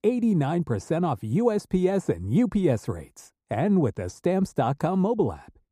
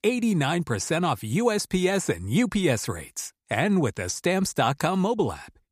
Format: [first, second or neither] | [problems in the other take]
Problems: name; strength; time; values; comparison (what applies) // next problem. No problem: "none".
second | muffled; slightly; fading above 1 kHz